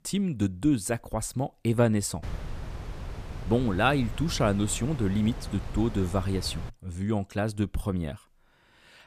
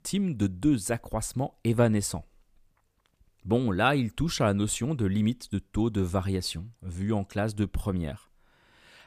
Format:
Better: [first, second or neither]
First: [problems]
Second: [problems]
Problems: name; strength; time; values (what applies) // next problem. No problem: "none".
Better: second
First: wind noise on the microphone; occasional gusts; from 2 to 6.5 s; 15 dB below the speech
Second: none